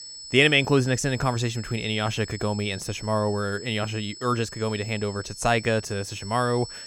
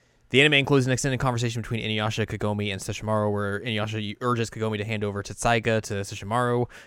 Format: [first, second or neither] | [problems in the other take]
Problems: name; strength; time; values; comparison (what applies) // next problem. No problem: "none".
second | high-pitched whine; noticeable; throughout; 5.5 kHz, 15 dB below the speech